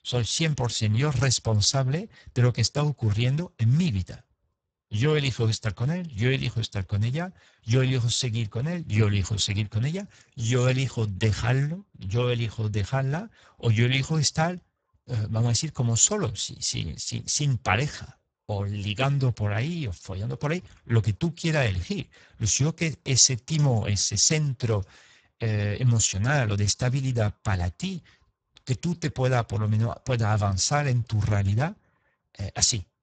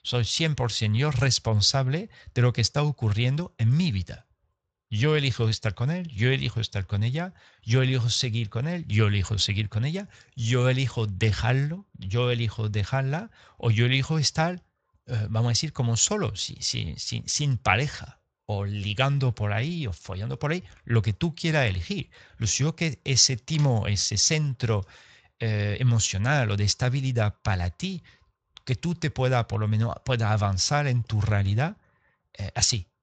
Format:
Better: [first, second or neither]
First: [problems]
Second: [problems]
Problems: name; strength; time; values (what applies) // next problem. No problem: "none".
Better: second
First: garbled, watery; badly; nothing above 7.5 kHz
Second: garbled, watery; slightly; nothing above 7.5 kHz